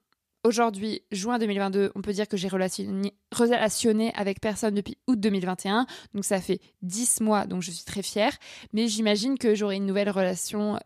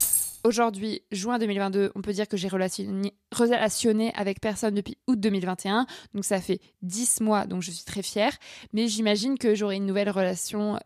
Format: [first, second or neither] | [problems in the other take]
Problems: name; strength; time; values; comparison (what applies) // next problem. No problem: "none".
first | jangling keys; loud; at the start; peak 4 dB above the speech